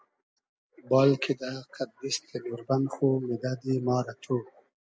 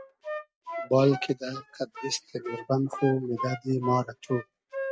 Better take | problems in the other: first | noise reduction (neural mask model RNNoise)

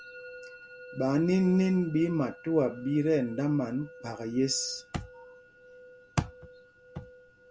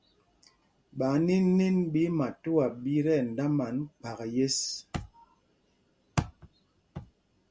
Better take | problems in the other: second | background sound (Musical instrument); 19 dB below the speech

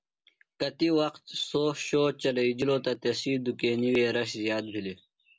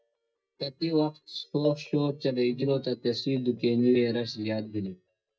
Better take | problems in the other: first | noise reduction (neural mask model DeepFilterNet 3)

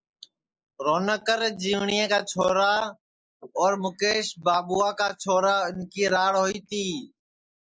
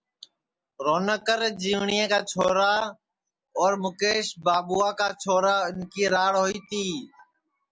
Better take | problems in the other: second | noise reduction (neural mask model Resemble Enhance denoiser)

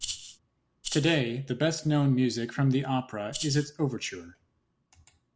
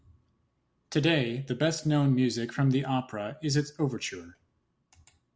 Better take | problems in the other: second | background sound (Rattle (instrument)); 8 dB below the speech

